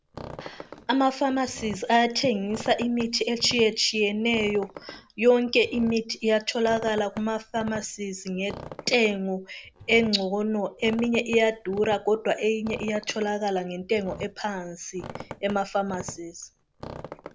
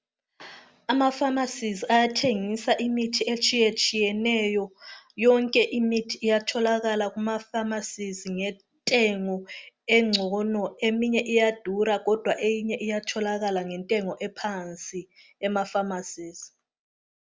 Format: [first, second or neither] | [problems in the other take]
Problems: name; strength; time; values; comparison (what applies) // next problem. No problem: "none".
second | background sound (Squeak); 17 dB below the speech